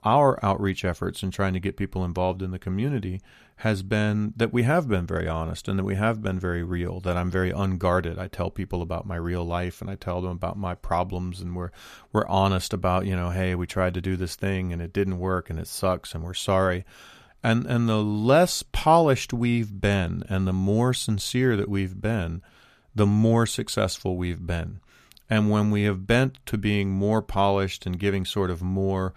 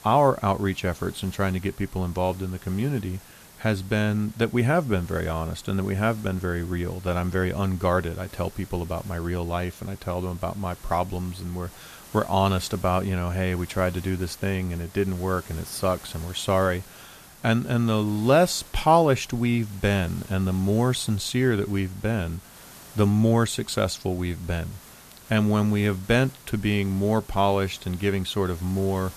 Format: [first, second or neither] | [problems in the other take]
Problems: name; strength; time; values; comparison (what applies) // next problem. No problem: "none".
first | hiss; faint; throughout; 20 dB below the speech